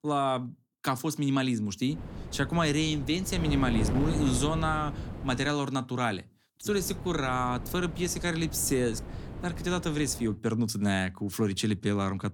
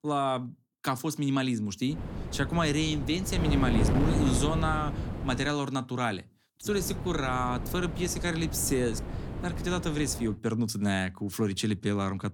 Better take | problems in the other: first | wind noise on the microphone; heavy; from 2 to 5.5 s and from 6.5 to 10 s; 8 dB below the speech; occasional gusts in the first

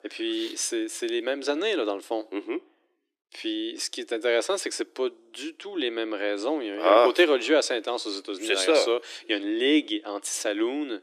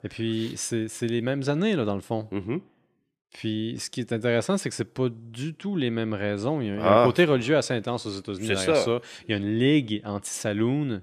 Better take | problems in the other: second | thin; somewhat; fading below 300 Hz

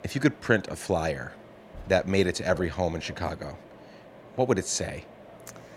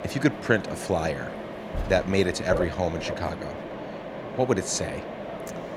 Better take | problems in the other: first | machinery noise; loud; throughout; 8 dB below the speech; faint in the first

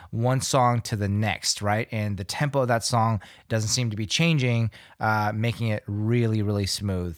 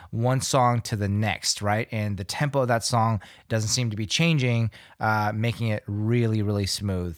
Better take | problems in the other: neither | none

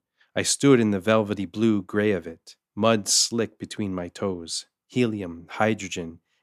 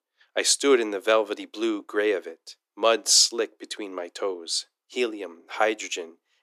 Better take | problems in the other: first | thin; somewhat; fading below 350 Hz

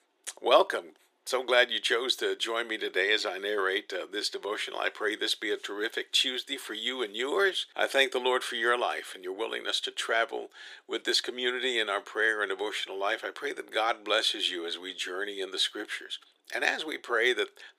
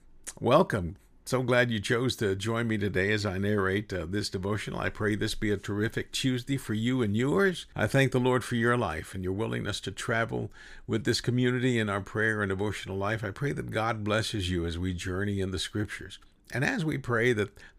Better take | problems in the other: second | thin; very; fading below 350 Hz

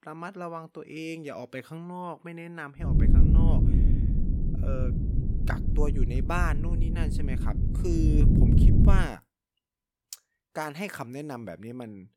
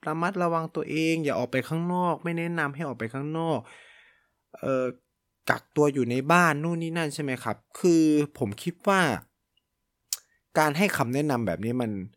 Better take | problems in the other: second | low rumble; loud; from 3 to 9 s; 1 dB below the speech

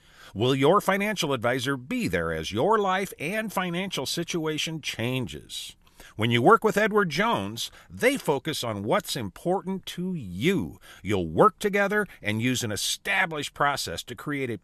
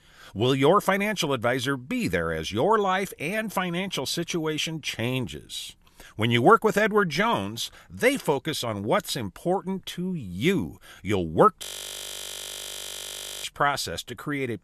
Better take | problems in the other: first | audio freezing; at 12 s for 2 s

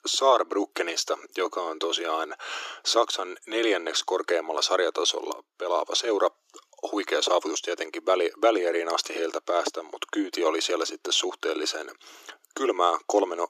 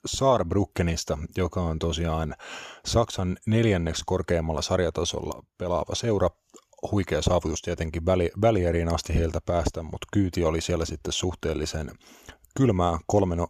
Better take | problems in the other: second | thin; very; fading below 300 Hz

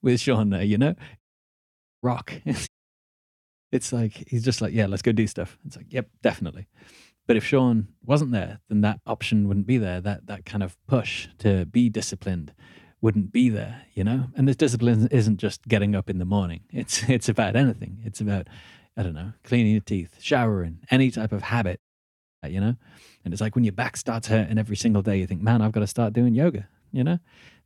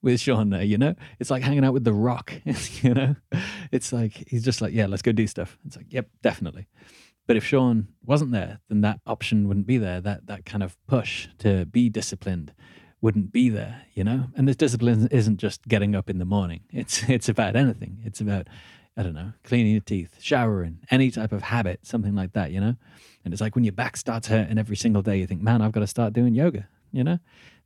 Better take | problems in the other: second | audio cutting out; at 1 s for 1 s, at 2.5 s for 1 s and at 22 s for 0.5 s

